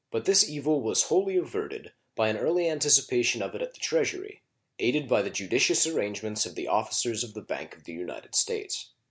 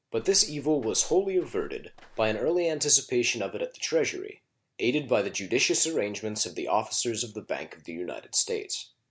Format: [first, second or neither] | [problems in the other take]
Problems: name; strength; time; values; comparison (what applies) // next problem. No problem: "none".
first | background sound (Walk, footsteps); 17 dB below the speech